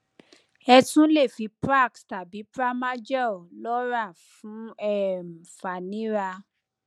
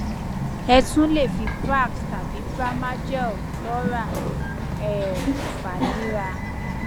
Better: first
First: none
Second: background sound (Bird vocalization, bird call, bird song); 1 dB below the speech

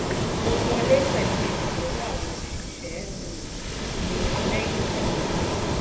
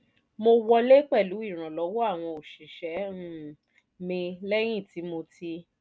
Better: second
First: background sound (Waves, surf); 5 dB above the speech // room echo; dies away in 0.8 s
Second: none

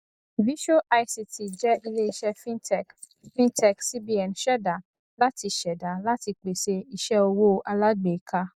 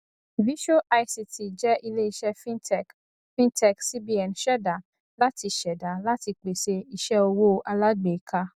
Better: second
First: noise reduction (neural mask model Resemble Enhance denoiser)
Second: none

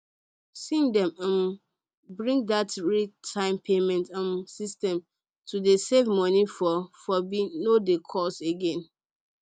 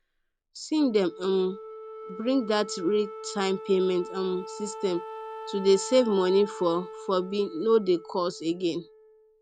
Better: first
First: none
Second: background sound (Wind instrument, woodwind instrument); 14 dB below the speech

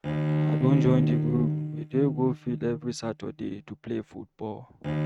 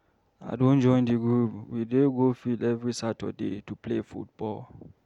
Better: second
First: noise reduction (neural mask model RNNoise)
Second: none

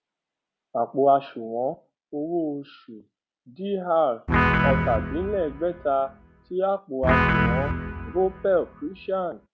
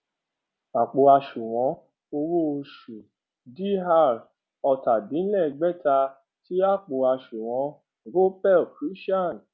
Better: second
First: background sound (Guitar); 1 dB above the speech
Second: none

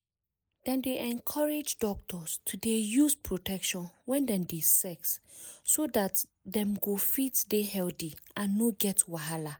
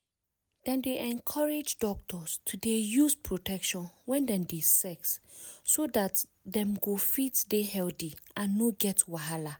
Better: second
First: noise reduction (neural mask model Resemble Enhance denoiser)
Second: none

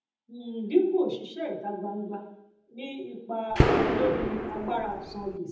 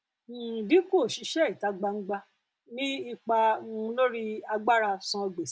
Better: second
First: background sound (Gunshot, gunfire); 4 dB above the speech // room echo; dies away in 0.8 s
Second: none

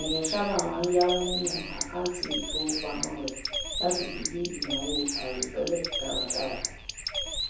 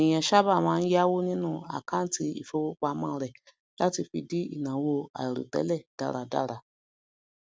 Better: second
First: background sound (Bird); 2 dB below the speech // room echo; dies away in 0.7 s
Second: none

